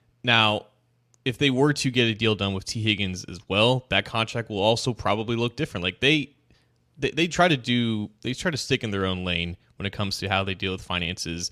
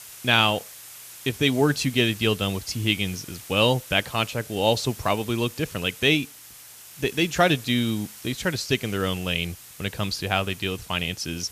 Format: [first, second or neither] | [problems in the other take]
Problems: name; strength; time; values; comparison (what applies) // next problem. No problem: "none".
first | hiss; noticeable; throughout; 15 dB below the speech